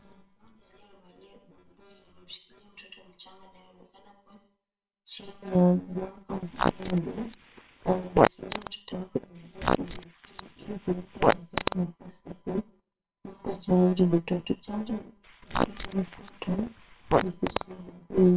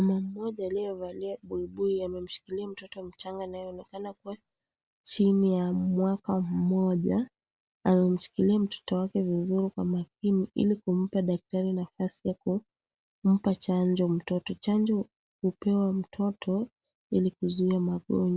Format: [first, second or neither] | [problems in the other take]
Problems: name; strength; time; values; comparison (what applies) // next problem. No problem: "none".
second | noise reduction (neural separator model SepFormer WHAMR!)